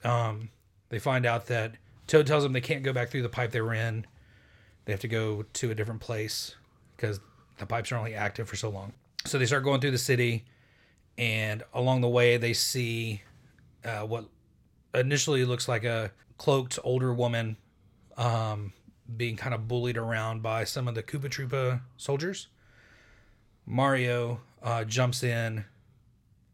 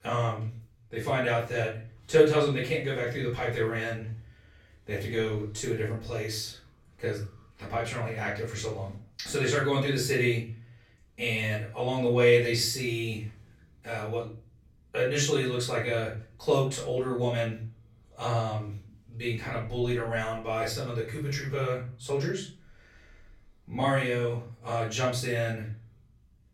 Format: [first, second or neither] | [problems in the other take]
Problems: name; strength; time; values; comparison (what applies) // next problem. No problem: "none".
first | off-mic speech; far // room echo; slight; dies away in 0.3 s